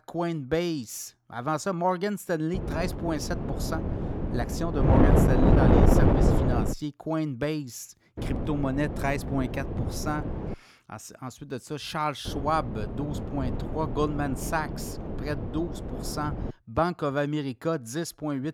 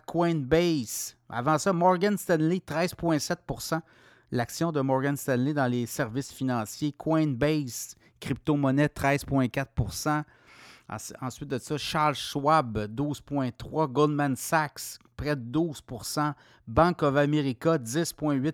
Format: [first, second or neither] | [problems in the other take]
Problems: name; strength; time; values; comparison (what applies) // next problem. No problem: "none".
second | wind noise on the microphone; heavy; from 2.5 to 6.5 s, from 8 to 11 s and from 12 to 17 s; 1 dB below the speech